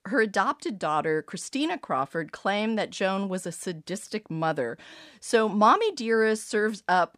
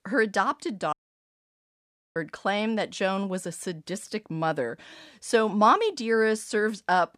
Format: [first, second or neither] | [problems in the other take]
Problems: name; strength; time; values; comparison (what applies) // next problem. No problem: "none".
first | audio cutting out; at 1 s for 1 s